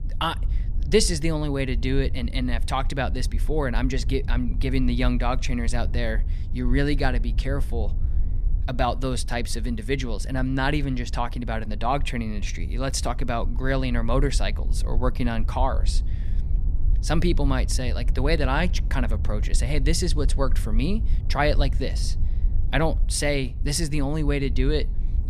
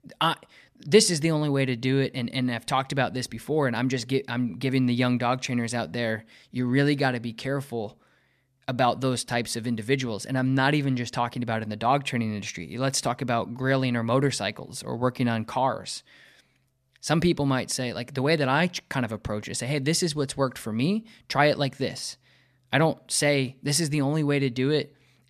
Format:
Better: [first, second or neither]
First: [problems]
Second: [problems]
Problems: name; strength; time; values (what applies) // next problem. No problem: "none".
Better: second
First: wind noise on the microphone; occasional gusts; 20 dB below the speech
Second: none